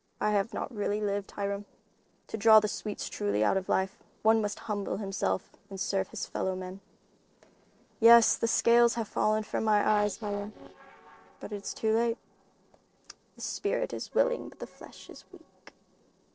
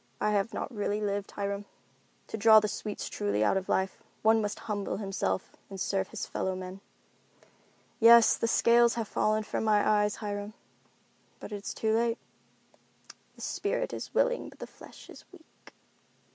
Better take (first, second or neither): second